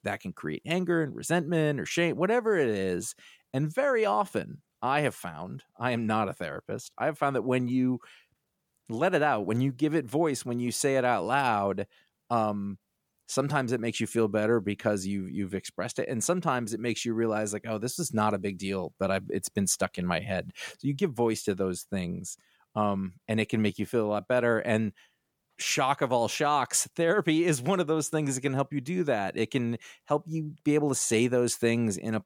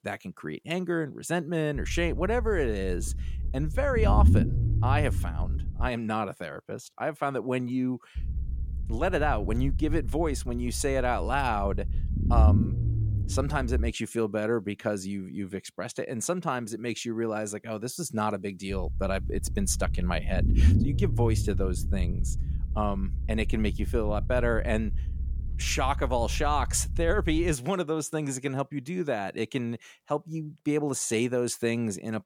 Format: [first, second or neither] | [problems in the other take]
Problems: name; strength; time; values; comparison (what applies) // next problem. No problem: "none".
first | low rumble; noticeable; from 2 to 6 s, from 8 to 14 s and from 19 to 28 s; 15 dB below the speech